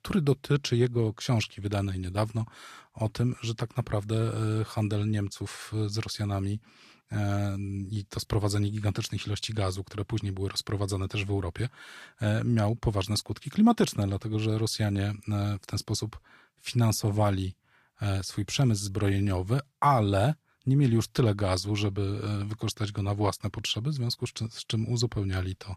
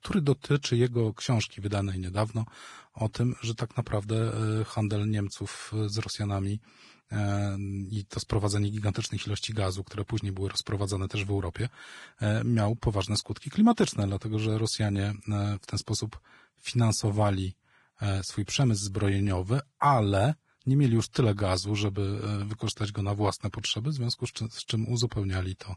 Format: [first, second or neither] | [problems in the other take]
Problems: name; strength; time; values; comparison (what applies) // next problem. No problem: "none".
first | garbled, watery; badly; nothing above 10.5 kHz; slightly in the first